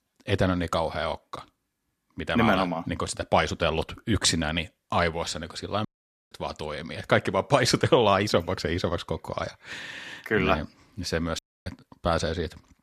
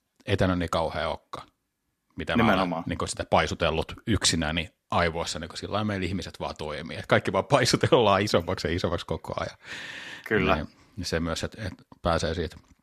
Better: second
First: audio cutting out; at 6 s and at 11 s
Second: none

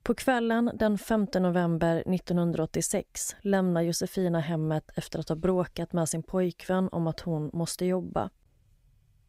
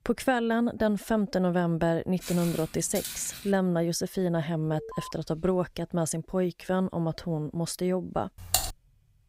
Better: first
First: none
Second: footsteps; noticeable; from 2 to 3.5 s; peak 7 dB below the speech // alarm; faint; at 4.5 s; peak 15 dB below the speech // keyboard typing; loud; at 8.5 s; peak 1 dB above the speech

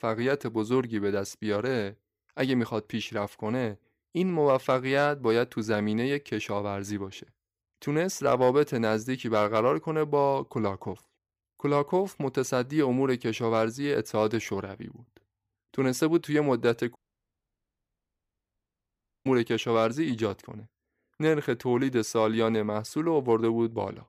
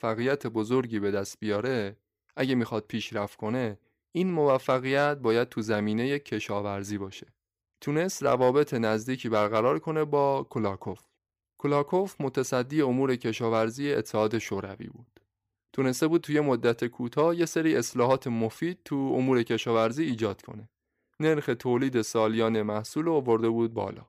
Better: second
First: audio cutting out; at 17 s for 2.5 s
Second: none

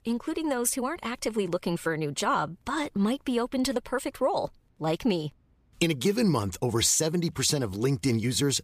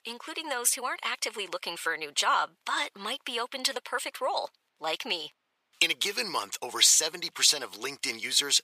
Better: first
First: none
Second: thin; very; fading below 800 Hz

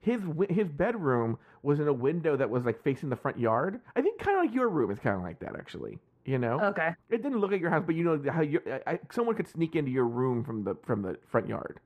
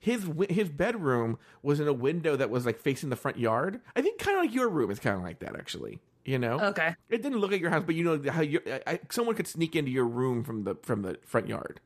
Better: second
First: muffled; very; fading above 3 kHz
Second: none

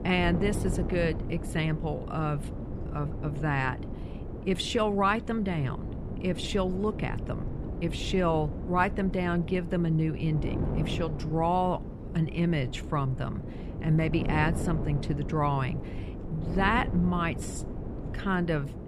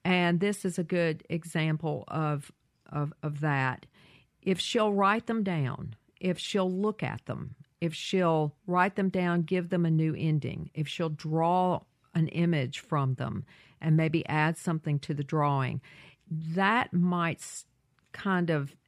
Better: second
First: wind noise on the microphone; occasional gusts; 10 dB below the speech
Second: none

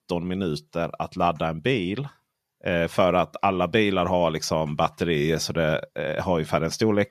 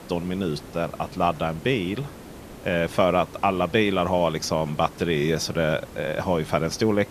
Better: first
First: none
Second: hiss; noticeable; throughout; 15 dB below the speech

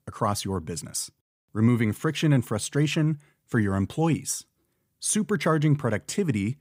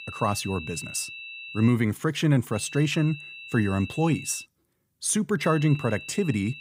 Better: first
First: none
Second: high-pitched whine; noticeable; until 1.5 s, from 2.5 to 4.5 s and from 5.5 s on; 2.5 kHz, 15 dB below the speech

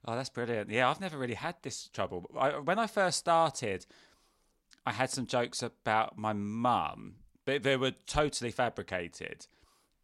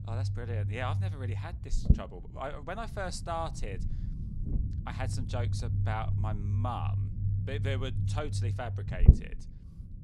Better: first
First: none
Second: low rumble; loud; throughout; 7 dB below the speech

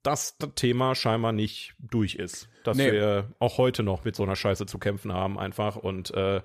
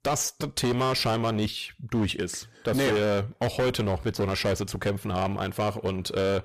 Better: first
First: none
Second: distortion; heavy; 16% of the sound clipped

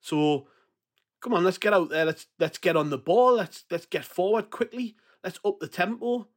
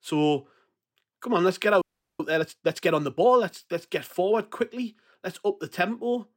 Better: first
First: none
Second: audio freezing; at 2 s

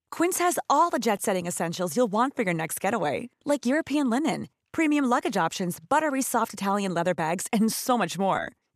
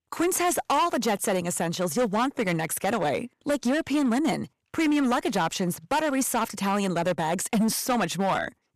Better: first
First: none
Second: distortion; slight; 11% of the sound clipped

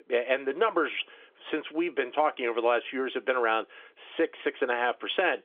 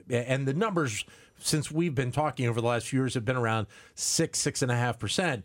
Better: second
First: phone-call audio; nothing above 3.5 kHz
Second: none

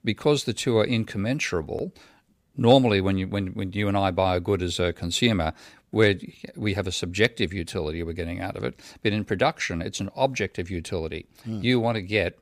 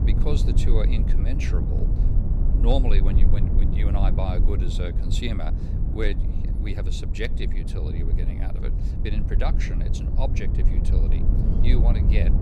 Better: first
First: none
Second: low rumble; loud; throughout; 4 dB below the speech

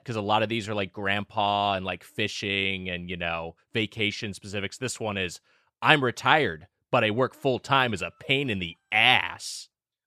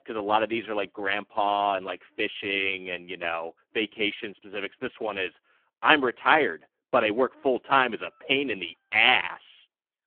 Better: first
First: none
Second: phone-call audio; poor line; nothing above 3 kHz

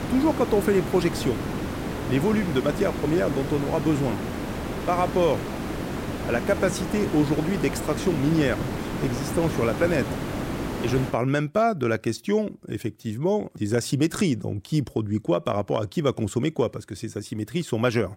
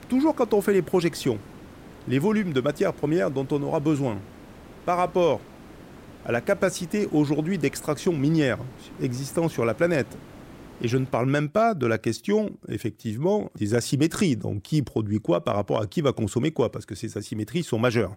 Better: second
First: hiss; loud; until 11 s; 5 dB below the speech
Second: hiss; faint; until 11 s; 20 dB below the speech

